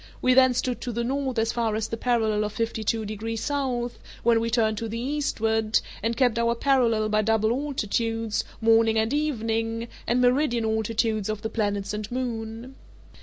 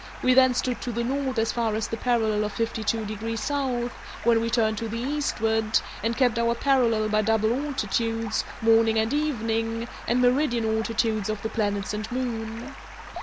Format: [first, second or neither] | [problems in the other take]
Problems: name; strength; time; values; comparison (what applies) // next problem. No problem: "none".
first | background sound (Stream); 15 dB below the speech